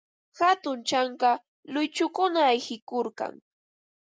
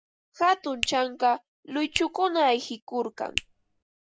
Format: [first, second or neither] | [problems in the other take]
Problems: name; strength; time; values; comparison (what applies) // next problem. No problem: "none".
first | background sound (Finger snapping); 10 dB below the speech